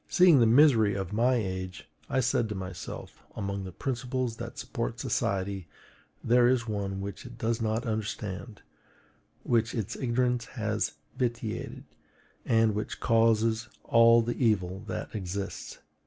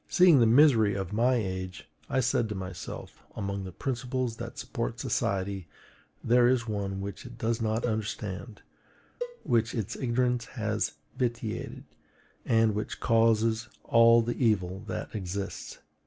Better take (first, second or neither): first